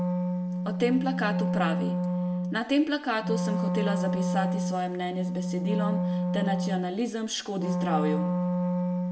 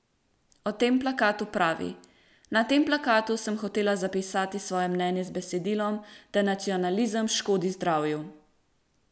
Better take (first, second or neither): second